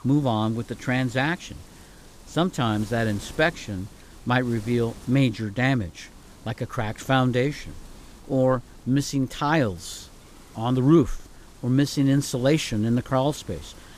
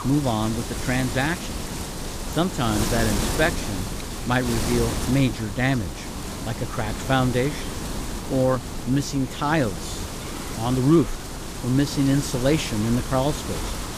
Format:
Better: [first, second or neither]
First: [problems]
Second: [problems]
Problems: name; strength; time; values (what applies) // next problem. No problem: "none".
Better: first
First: wind noise on the microphone; occasional gusts; 25 dB below the speech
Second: wind noise on the microphone; heavy; 6 dB below the speech